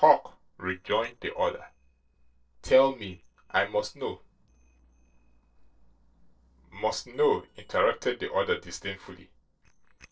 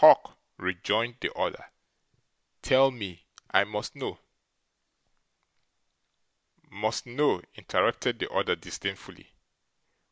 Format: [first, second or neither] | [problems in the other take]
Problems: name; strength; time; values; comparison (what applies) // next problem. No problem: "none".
second | noise reduction (neural separator model SepFormer DNS4)